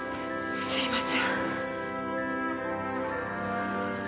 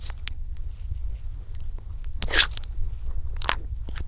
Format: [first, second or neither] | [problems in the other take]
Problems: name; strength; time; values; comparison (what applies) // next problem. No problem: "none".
first | noise reduction (neural diffusion model UNIVERSE++)